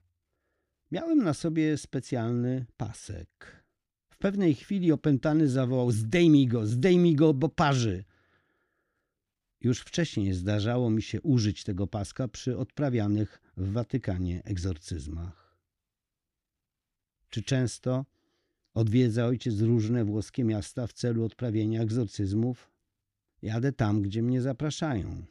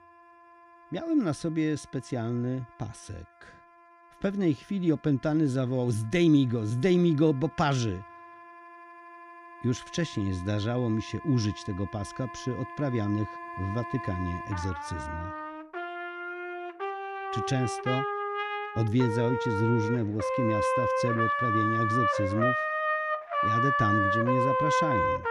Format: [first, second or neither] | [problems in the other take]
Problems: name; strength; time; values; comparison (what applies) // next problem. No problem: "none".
first | background music; loud; throughout; 1 dB below the speech